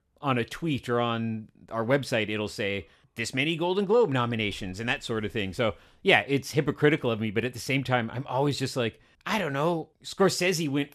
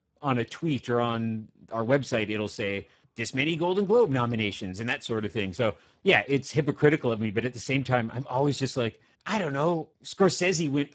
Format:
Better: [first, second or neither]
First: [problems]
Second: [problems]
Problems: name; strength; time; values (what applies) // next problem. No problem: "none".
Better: first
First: none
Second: garbled, watery; badly; nothing above 7.5 kHz